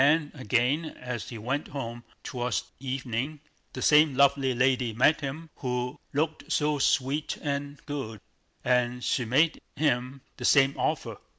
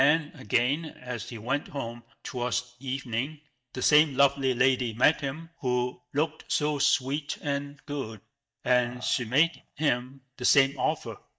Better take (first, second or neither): first